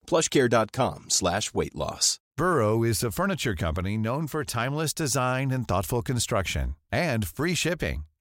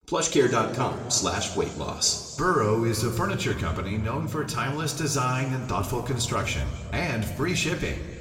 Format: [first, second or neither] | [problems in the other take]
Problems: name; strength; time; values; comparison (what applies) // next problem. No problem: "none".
first | room echo; slight; dies away in 2.1 s // off-mic speech; somewhat distant